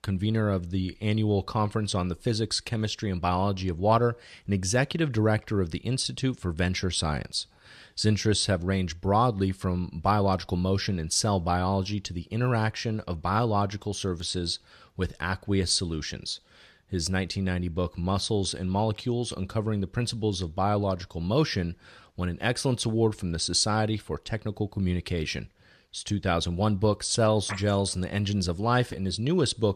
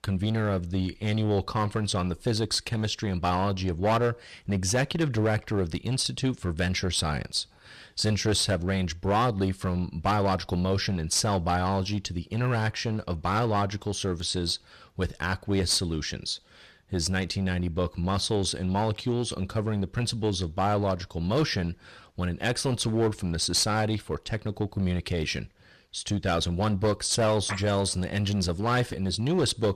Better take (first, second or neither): first